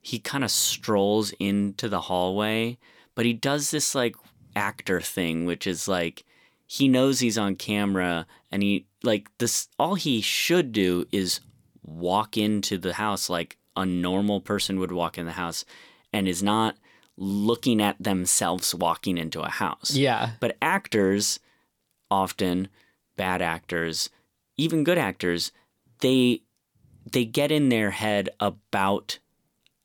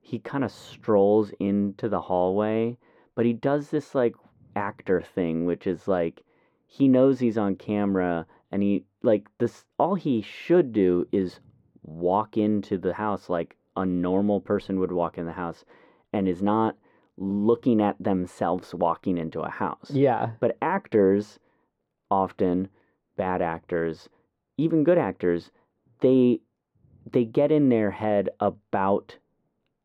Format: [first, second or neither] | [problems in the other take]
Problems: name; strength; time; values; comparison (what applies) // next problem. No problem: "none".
first | muffled; very; fading above 3 kHz